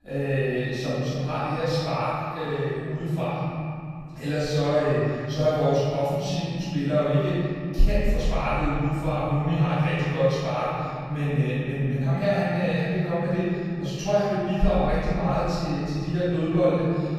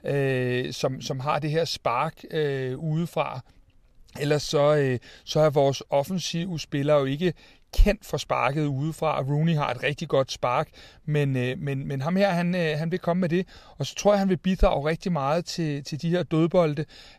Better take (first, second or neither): second